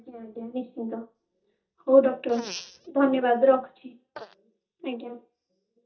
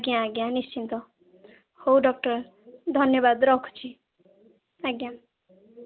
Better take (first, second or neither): second